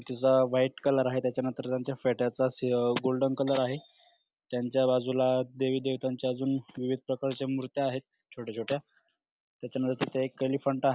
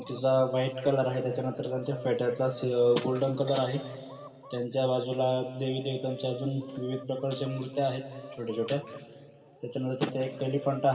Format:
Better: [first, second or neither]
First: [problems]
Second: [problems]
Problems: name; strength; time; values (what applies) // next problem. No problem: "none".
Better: first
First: none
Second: background sound (Chicken, rooster); 18 dB below the speech // room echo; dies away in 2.4 s